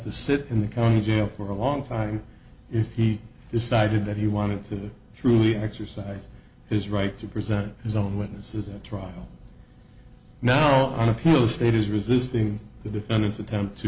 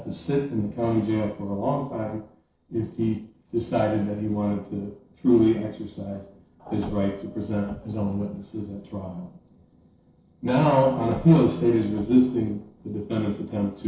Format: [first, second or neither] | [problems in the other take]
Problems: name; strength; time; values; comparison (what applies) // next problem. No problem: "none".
first | noise reduction (neural separator model SepFormer DNS4)